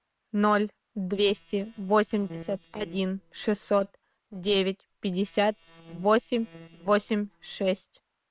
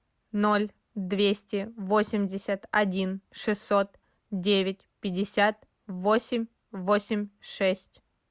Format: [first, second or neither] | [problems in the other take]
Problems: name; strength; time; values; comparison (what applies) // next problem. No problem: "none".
second | noise reduction (neural separator model SepFormer WHAM!)